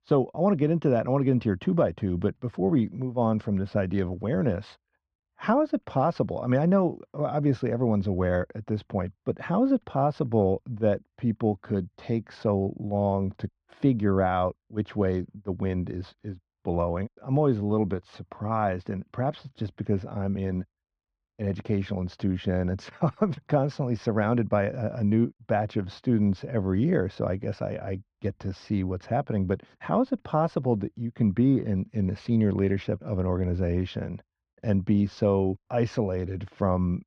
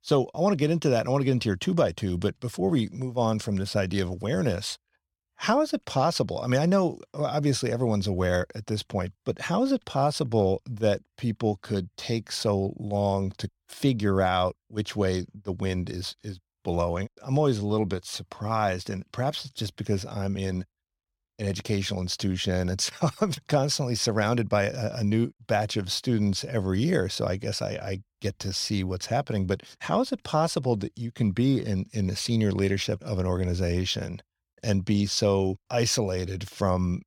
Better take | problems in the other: second | muffled; very; fading above 1.5 kHz

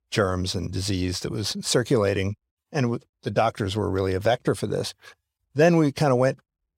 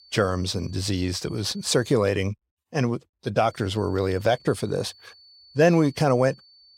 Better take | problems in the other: first | high-pitched whine; faint; until 2 s and from 3.5 s on; 4.5 kHz, 25 dB below the speech

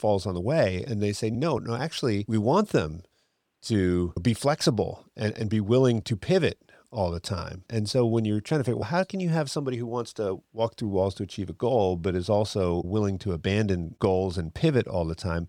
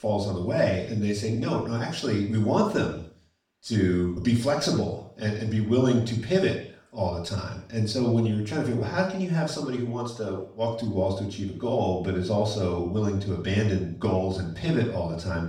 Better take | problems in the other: first | room echo; noticeable; dies away in 0.5 s // off-mic speech; far

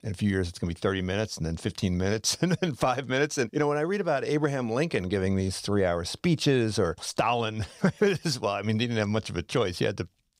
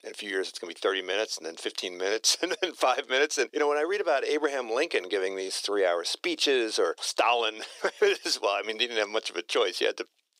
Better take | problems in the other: first | thin; very; fading below 350 Hz

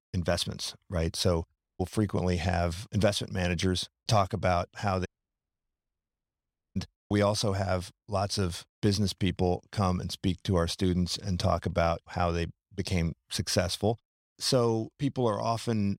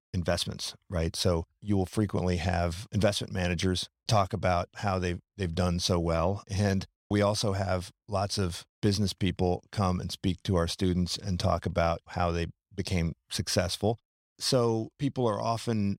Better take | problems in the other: second | audio cutting out; at 1.5 s and at 5 s for 1.5 s

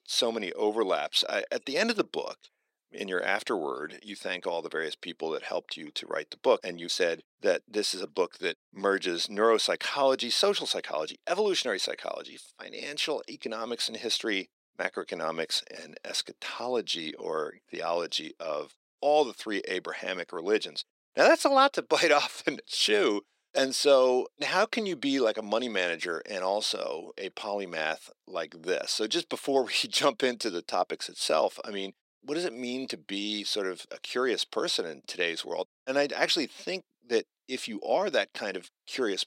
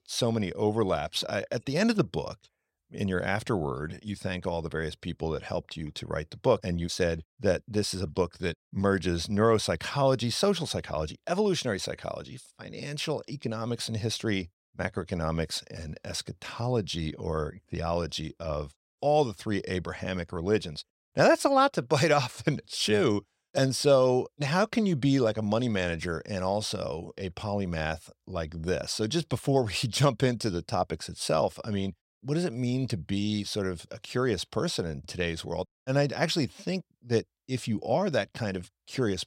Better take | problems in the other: second | thin; somewhat; fading below 300 Hz

